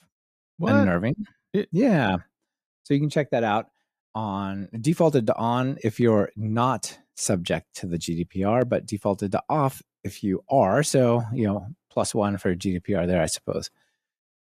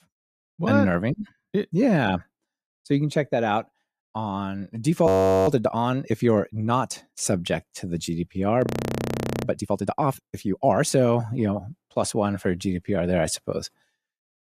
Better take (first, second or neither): first